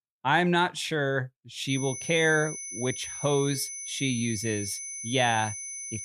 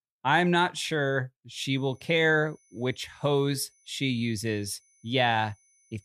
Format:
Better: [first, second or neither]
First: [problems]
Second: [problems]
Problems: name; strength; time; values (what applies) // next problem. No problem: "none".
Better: second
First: high-pitched whine; loud; from 1.5 s on; 6 kHz, 7 dB below the speech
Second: high-pitched whine; faint; from 1.5 s on; 6 kHz, 35 dB below the speech